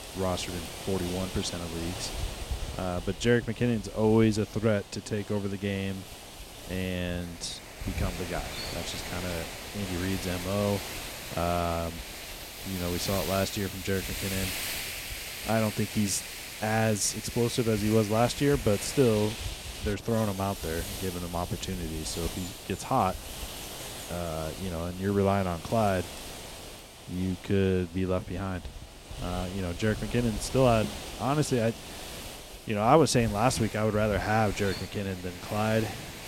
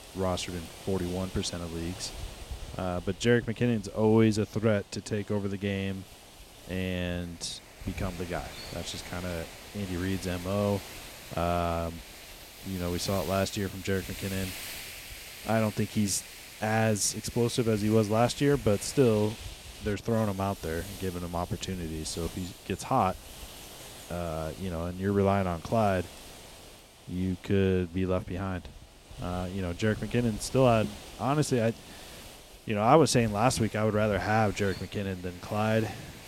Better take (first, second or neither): second